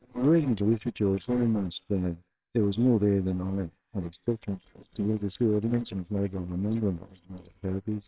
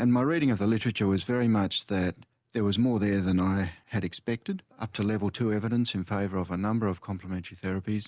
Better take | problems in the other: second | noise reduction (neural separator model SepFormer WHAMR!)

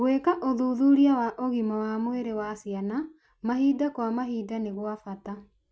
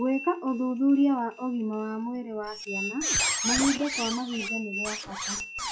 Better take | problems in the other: first | noise reduction (classical method log-MMSE)

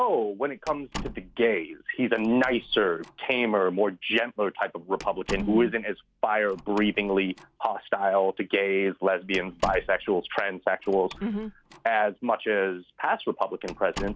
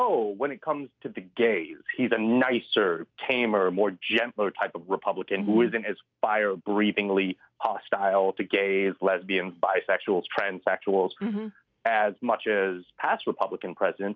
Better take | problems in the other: second | background sound (Slam); 18 dB below the speech

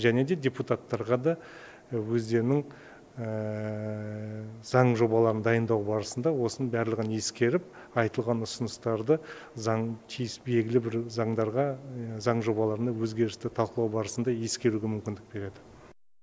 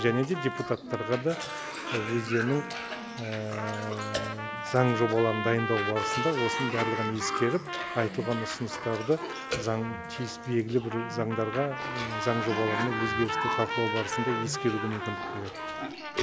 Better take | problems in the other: first | background sound (Cough + Trumpet); 3 dB below the speech

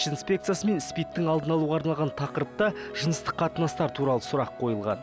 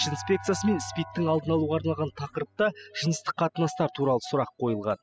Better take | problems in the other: first | noise reduction (classical method spectral subtraction)

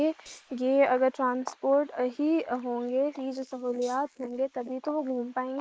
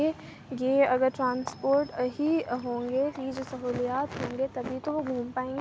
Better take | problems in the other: second | noise reduction (neural mask model Resemble Enhance denoiser)

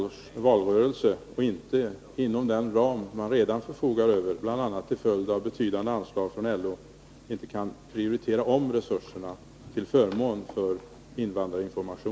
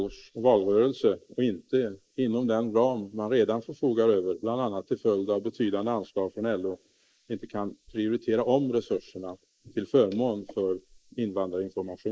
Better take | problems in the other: first | noise reduction (neural mask model Resemble Enhance denoiser)

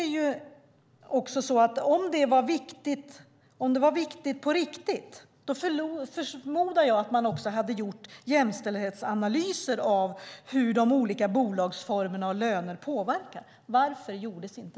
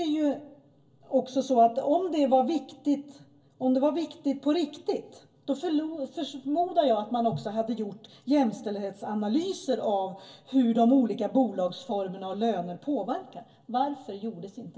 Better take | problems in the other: first | room echo; dies away in 0.2 s

